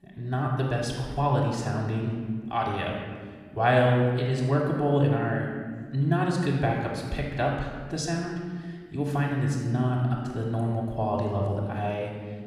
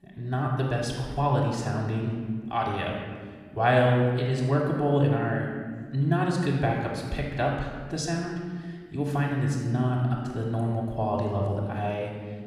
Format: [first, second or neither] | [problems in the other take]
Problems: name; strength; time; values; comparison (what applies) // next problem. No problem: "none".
neither | room echo; noticeable; dies away in 1.5 s; the same in both // off-mic speech; far; the same in both